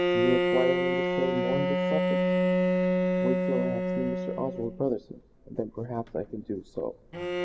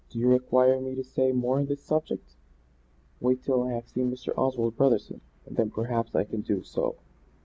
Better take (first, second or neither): second